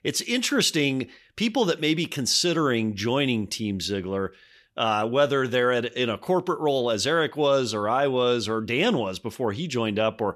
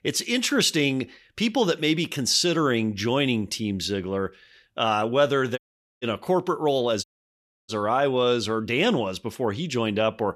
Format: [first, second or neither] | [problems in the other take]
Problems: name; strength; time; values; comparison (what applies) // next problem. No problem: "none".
first | audio cutting out; at 5.5 s and at 7 s for 0.5 s